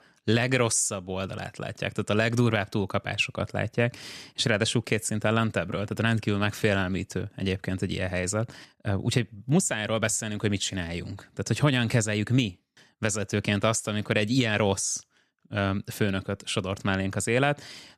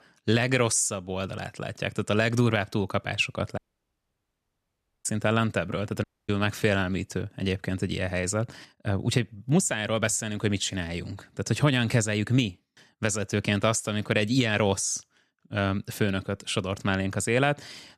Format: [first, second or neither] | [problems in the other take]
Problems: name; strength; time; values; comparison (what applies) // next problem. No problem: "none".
first | audio cutting out; at 3.5 s for 1.5 s and at 6 s